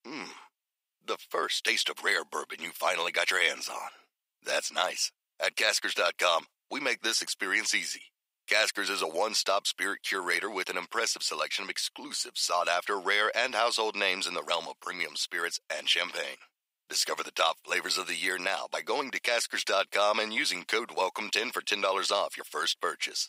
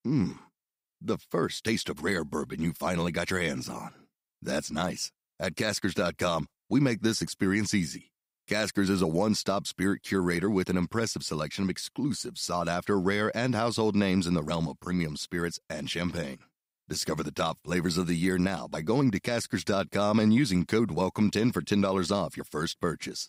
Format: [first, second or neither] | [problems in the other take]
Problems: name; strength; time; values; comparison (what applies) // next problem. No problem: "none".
second | thin; very; fading below 550 Hz